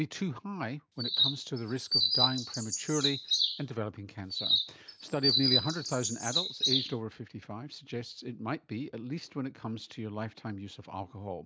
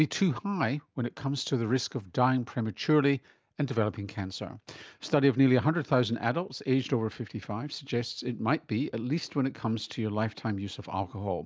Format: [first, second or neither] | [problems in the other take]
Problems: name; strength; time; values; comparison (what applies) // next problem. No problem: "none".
second | background sound (Chirp, tweet); 5 dB above the speech